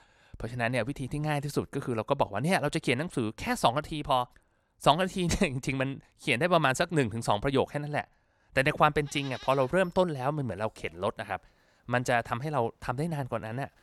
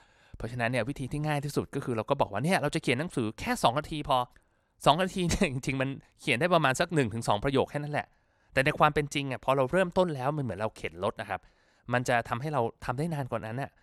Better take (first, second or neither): second